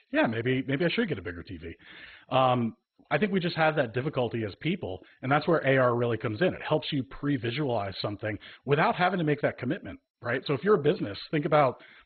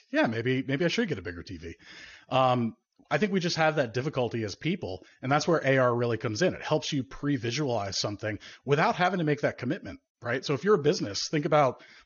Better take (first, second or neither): second